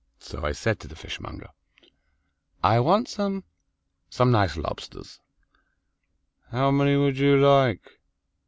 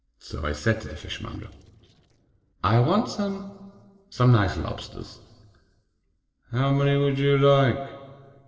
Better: first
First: none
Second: noise reduction (neural separator model SepFormer DNS4)

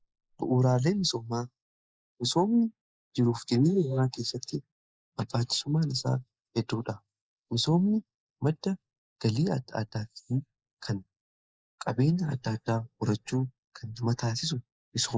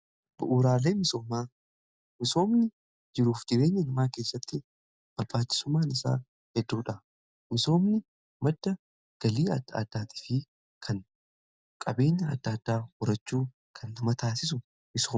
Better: second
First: noise reduction (neural mask model Resemble Enhance denoiser)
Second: none

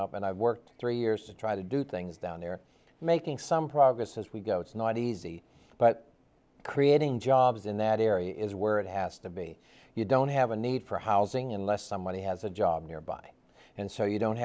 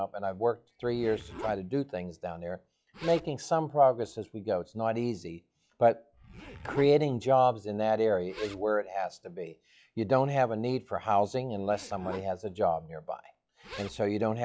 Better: first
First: none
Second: noise reduction (classical method log-MMSE)

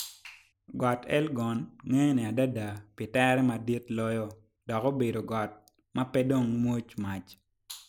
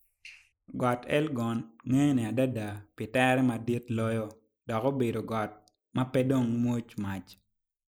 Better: first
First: none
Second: noise reduction (neural mask model Resemble Enhance denoiser)

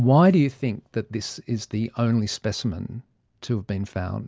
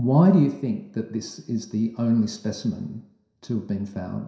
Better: first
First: none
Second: room echo; dies away in 0.7 s

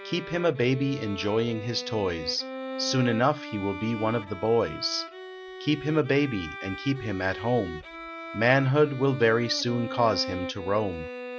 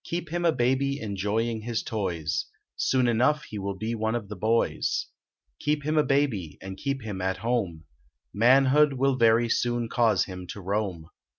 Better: second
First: background sound (Bowed string instrument); 11 dB below the speech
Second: none

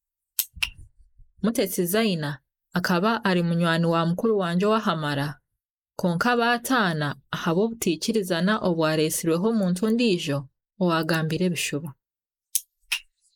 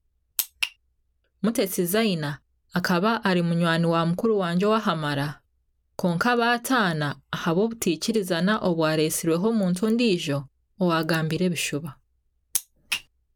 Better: second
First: noise reduction (neural mask model Resemble Enhance denoiser)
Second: none

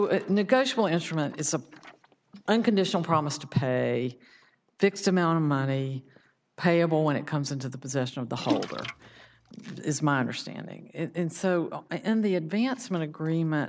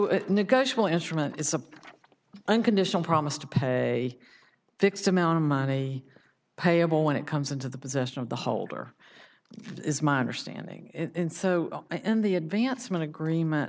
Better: second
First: background sound (Splash, splatter); 7 dB below the speech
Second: none

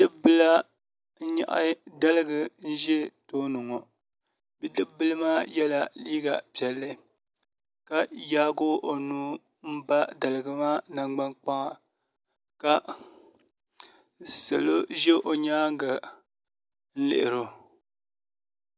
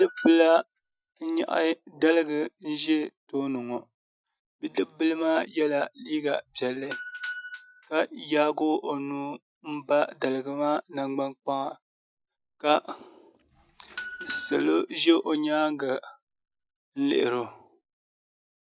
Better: first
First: none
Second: noise reduction (classical method Wiener filter)

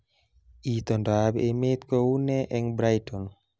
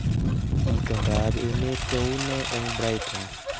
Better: first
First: none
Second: background sound (Engine); 4 dB above the speech

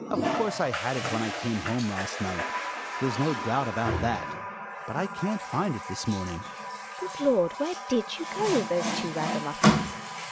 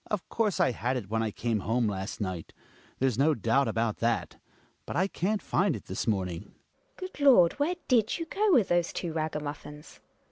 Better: second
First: background sound (Water tap, faucet); 1 dB below the speech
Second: none

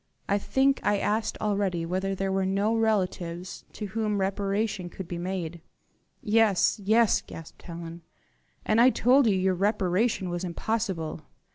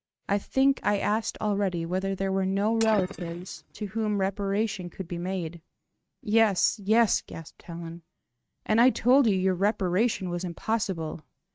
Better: first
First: none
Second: noise reduction (neural mask model RNNoise)

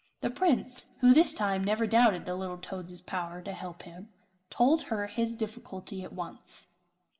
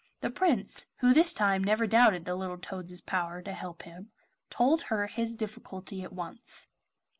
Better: second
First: room echo; dies away in 0.9 s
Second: none

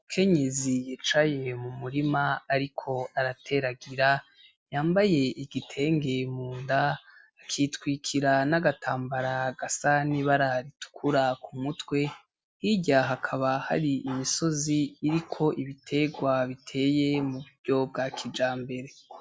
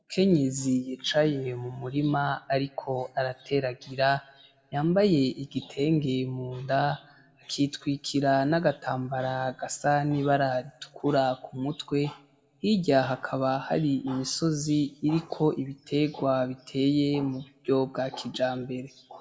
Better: first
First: none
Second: room echo; dies away in 0.6 s

